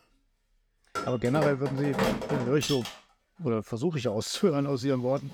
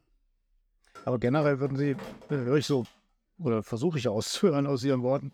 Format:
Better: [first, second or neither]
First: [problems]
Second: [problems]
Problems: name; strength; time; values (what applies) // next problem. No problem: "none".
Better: second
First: household noises; loud; throughout; 4 dB below the speech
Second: household noises; faint; throughout; 20 dB below the speech